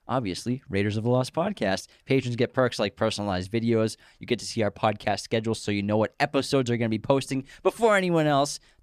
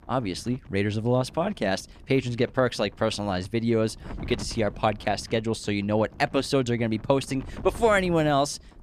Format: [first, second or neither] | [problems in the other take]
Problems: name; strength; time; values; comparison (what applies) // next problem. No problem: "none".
first | wind noise on the microphone; occasional gusts; 25 dB below the speech